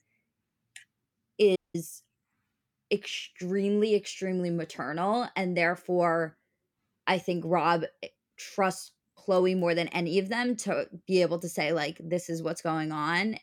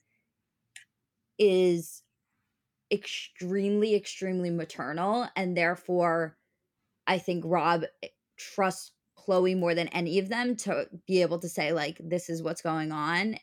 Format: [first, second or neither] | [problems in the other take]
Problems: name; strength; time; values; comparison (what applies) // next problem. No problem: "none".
second | audio cutting out; at 1.5 s